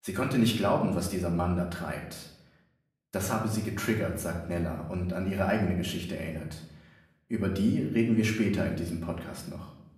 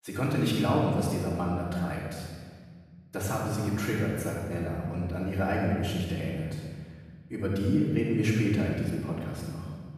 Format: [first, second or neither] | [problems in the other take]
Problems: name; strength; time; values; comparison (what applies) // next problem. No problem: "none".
first | room echo; strong; dies away in 1.8 s; slight in the first // off-mic speech; far; far in the first